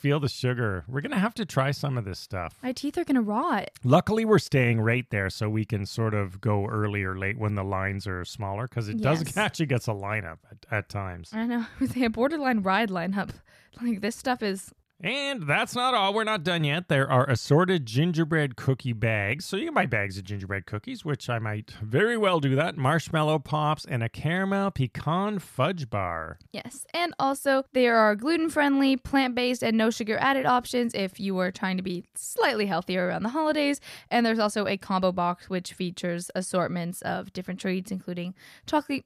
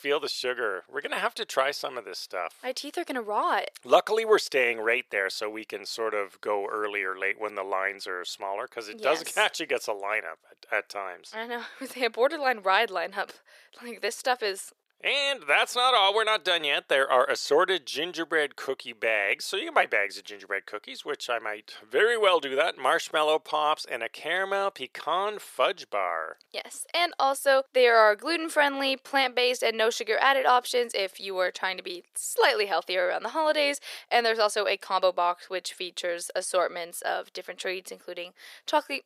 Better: first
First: none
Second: thin; very; fading below 450 Hz

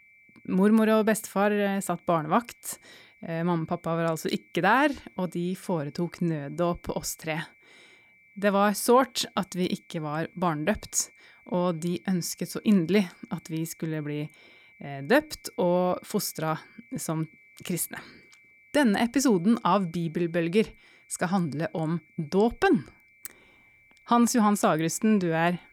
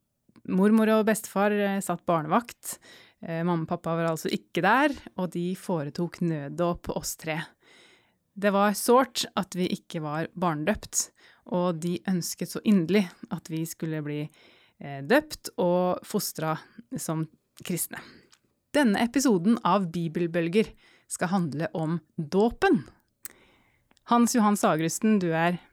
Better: second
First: high-pitched whine; faint; throughout; 2.5 kHz, 30 dB below the speech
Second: none

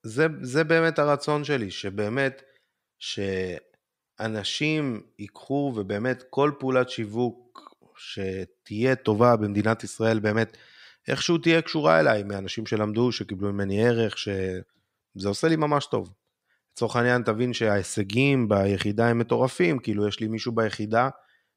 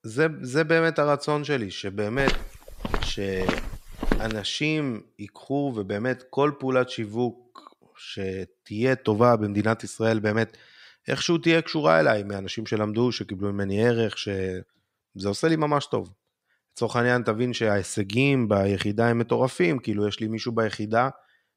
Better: first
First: none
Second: footsteps; noticeable; from 2 to 4.5 s; peak 4 dB below the speech

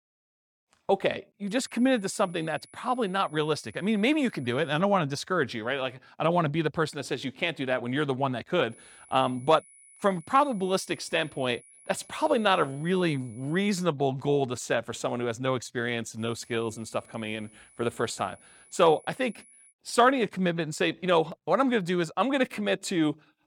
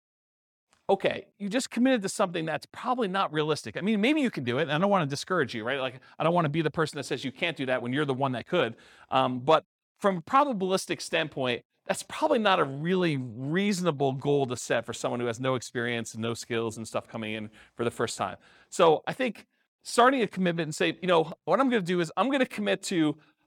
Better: second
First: high-pitched whine; faint; from 1.5 to 5 s, from 8.5 to 14 s and from 16 to 20 s; 10 kHz, 25 dB below the speech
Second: none

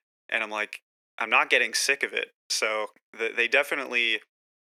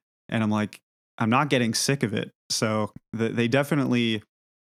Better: second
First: thin; very; fading below 450 Hz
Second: none

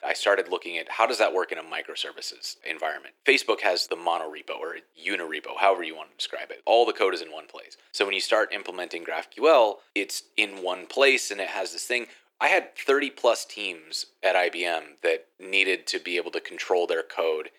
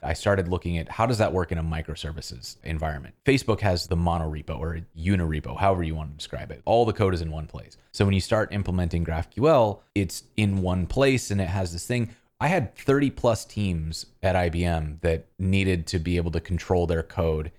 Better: second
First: thin; very; fading below 350 Hz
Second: none

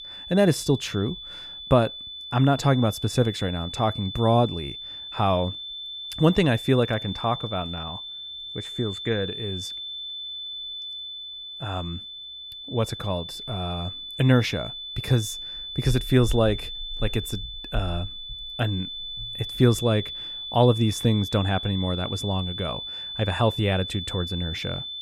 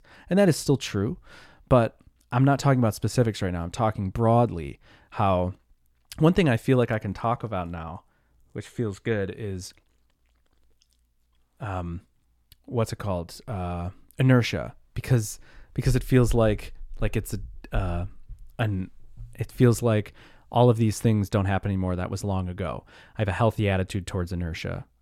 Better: second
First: high-pitched whine; loud; throughout; 3.5 kHz, 8 dB below the speech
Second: none

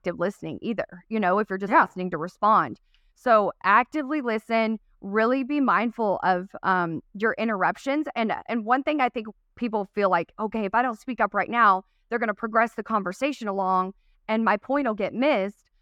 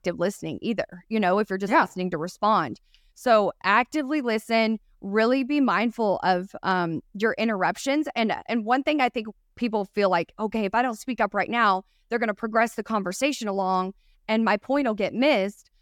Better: second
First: muffled; slightly; fading above 3.5 kHz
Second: none

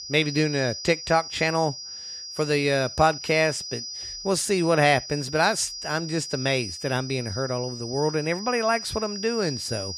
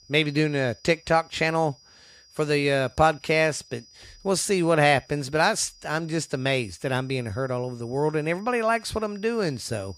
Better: second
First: high-pitched whine; loud; throughout; 5 kHz, 9 dB below the speech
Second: high-pitched whine; faint; throughout; 5 kHz, 25 dB below the speech

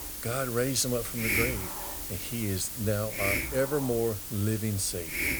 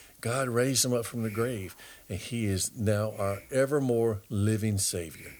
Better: second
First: hiss; loud; throughout; 2 dB below the speech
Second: hiss; faint; throughout; 25 dB below the speech

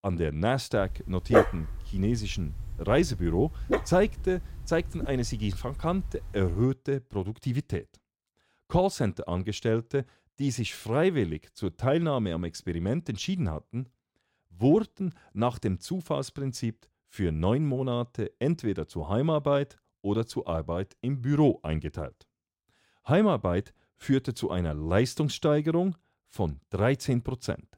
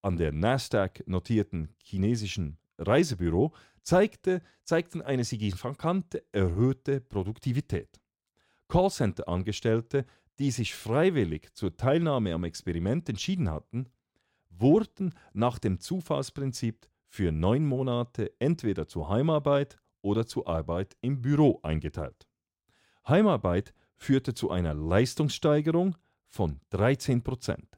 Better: second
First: dog barking; loud; from 1 to 6.5 s; peak 6 dB above the speech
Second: none

